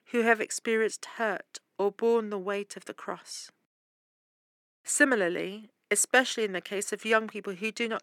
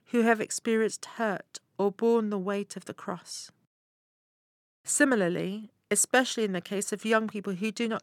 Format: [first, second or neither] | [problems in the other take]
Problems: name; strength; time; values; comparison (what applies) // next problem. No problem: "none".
second | thin; very slightly; fading below 300 Hz